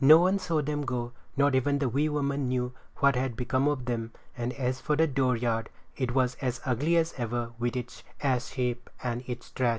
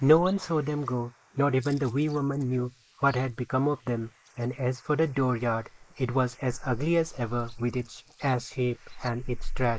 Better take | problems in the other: first | noise reduction (neural mask model Resemble Enhance denoiser)

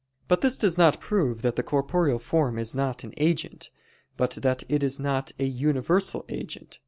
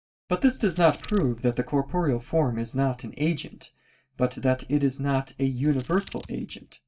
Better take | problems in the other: first | noise reduction (neural mask model DeepFilterNet 3)

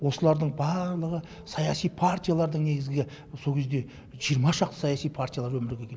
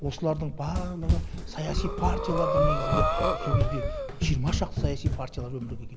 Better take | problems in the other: first | background sound (Breathing + Run); 5 dB above the speech

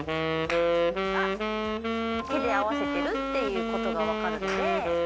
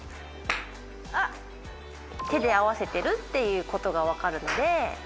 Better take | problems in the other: second | background sound (Wind instrument, woodwind instrument); 4 dB above the speech

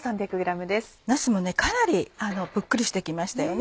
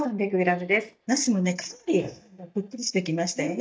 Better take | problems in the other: first | noise reduction (neural mask model DeepFilterNet 3)

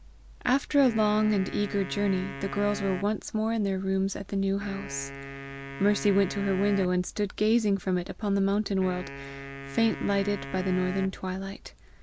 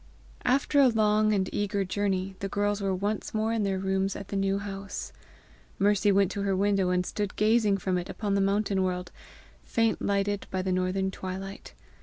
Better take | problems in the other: second | background sound (Wind instrument, woodwind instrument); 13 dB below the speech

